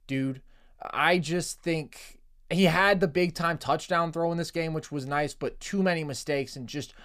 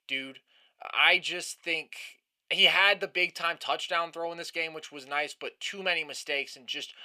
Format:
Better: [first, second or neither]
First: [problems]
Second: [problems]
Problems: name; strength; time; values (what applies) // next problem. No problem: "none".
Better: first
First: none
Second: thin; very; fading below 500 Hz